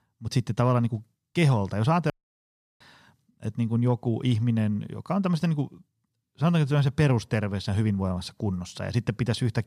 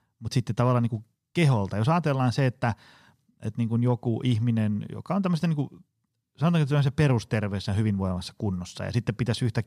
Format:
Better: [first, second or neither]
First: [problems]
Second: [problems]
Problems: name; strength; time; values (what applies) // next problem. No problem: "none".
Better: second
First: audio cutting out; at 2 s for 0.5 s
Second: none